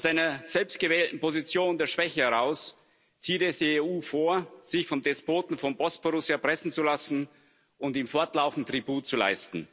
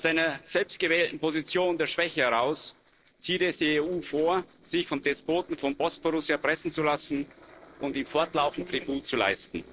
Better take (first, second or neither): first